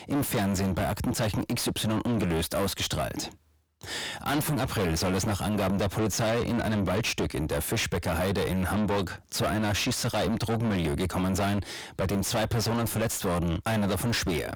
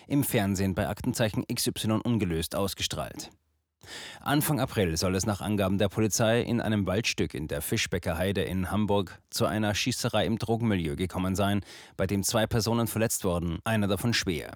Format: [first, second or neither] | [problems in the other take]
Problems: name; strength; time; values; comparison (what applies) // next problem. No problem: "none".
second | distortion; heavy; 5 dB below the speech